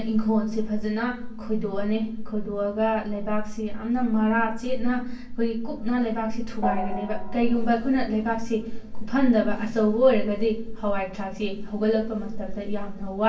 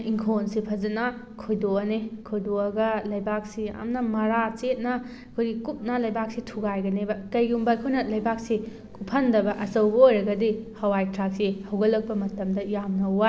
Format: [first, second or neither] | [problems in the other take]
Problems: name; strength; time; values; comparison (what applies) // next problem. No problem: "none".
second | background sound (Gong); 7 dB below the speech // room echo; dies away in 0.2 s